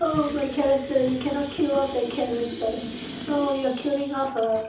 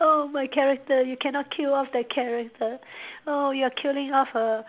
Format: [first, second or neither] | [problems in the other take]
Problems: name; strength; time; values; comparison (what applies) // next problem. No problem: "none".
second | background sound (Sink (filling or washing) / Water tap, faucet); 12 dB below the speech // room echo; dies away in 0.6 s